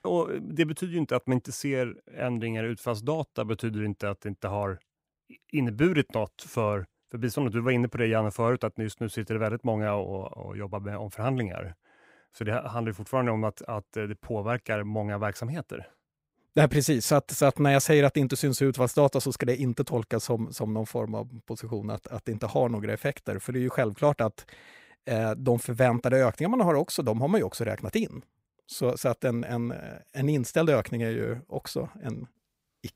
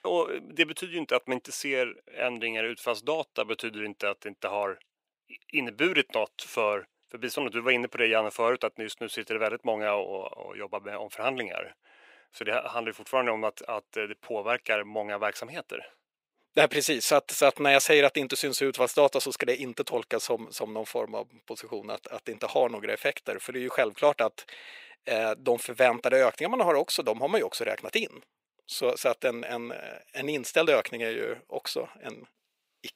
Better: first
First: none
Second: thin; somewhat; fading below 500 Hz

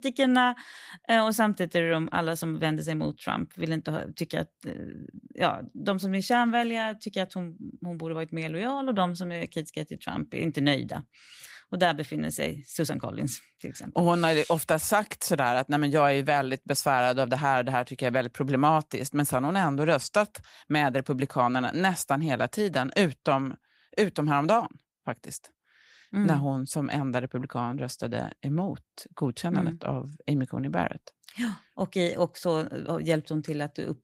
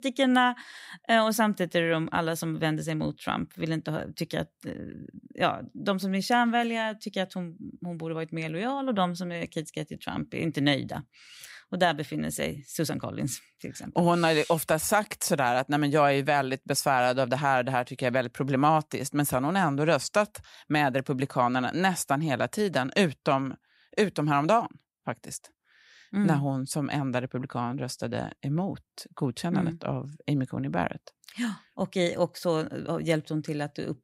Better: second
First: garbled, watery; slightly; nothing above 15.5 kHz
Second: none

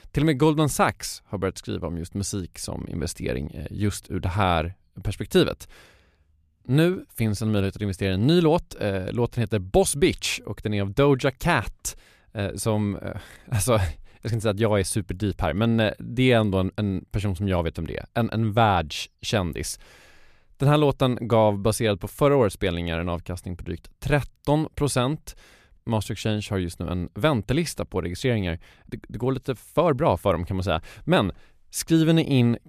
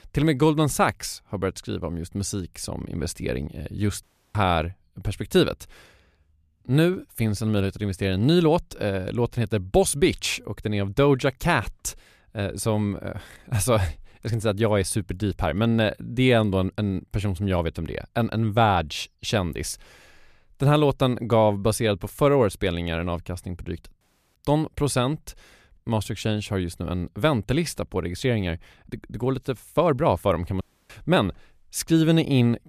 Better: first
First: none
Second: audio cutting out; at 4 s, at 24 s and at 31 s

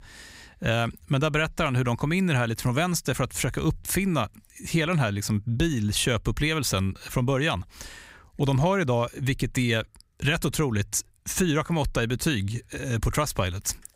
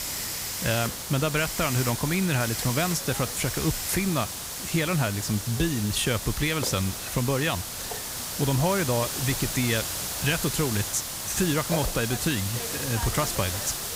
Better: first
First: none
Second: hiss; loud; throughout; 3 dB below the speech

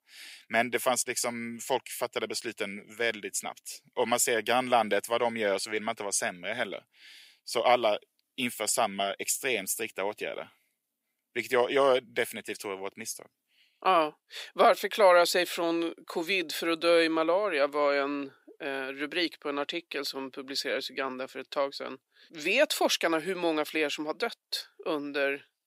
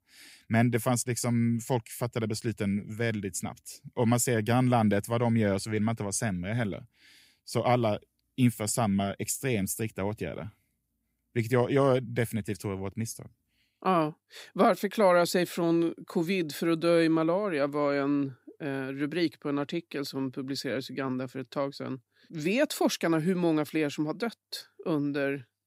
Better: second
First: thin; somewhat; fading below 550 Hz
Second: none

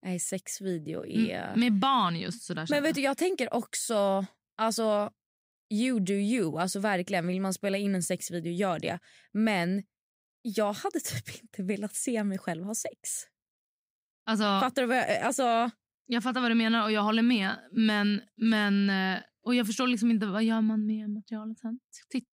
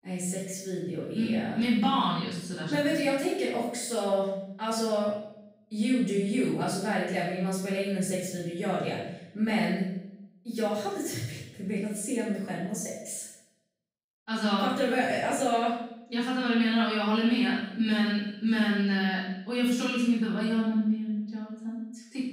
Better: first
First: none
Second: off-mic speech; far // room echo; noticeable; dies away in 0.7 s

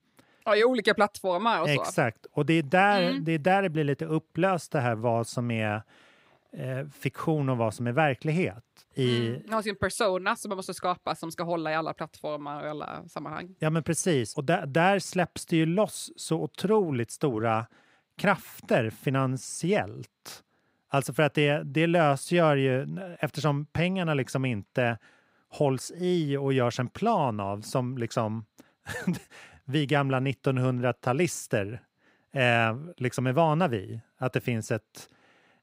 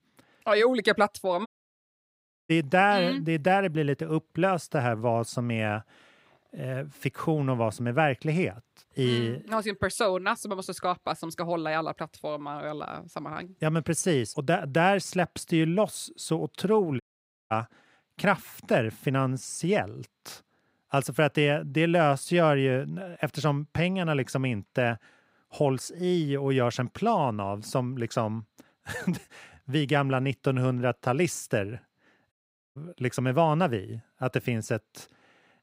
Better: first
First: none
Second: audio cutting out; at 1.5 s for 1 s, at 17 s for 0.5 s and at 32 s

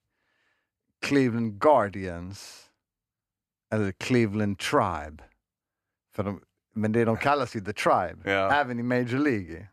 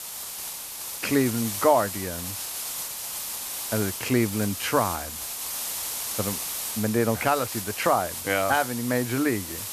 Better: first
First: none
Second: hiss; loud; throughout; 5 dB below the speech

